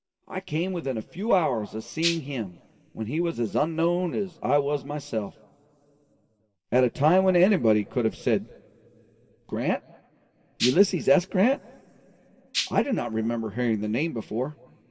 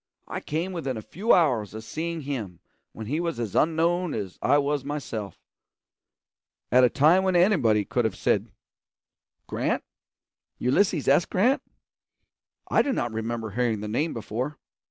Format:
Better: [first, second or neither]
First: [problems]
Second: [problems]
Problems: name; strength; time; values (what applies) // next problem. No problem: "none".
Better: second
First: background sound (Rattle (instrument)); 4 dB below the speech // room echo; dies away in 2.3 s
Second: none